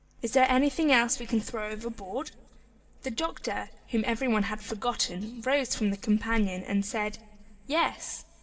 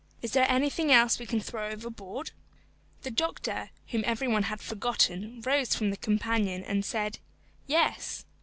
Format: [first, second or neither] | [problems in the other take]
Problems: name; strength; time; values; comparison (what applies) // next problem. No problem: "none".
second | room echo; dies away in 2.4 s